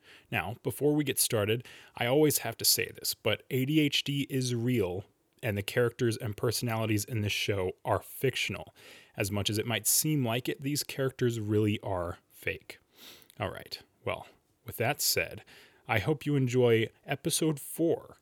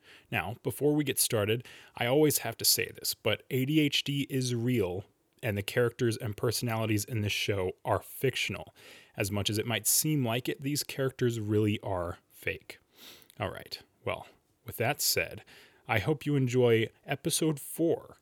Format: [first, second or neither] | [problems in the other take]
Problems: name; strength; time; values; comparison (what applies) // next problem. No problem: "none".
neither | none